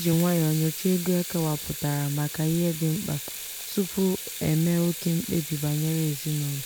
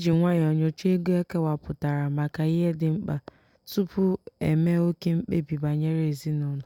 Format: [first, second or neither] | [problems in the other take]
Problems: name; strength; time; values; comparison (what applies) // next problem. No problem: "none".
second | background sound (Sink (filling or washing) / Water tap, faucet); 10 dB below the speech